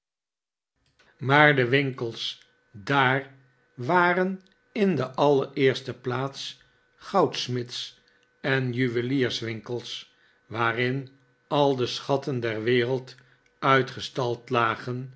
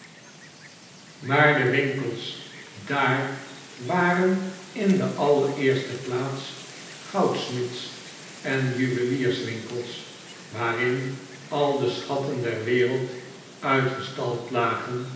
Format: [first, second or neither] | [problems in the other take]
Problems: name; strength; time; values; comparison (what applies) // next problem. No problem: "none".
first | background sound (Wind); 18 dB below the speech // room echo; dies away in 0.9 s